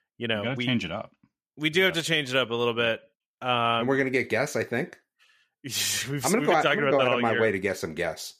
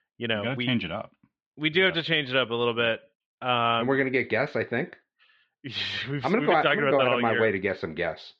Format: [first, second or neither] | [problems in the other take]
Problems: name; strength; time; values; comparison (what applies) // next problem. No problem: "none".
first | muffled; slightly; fading above 4 kHz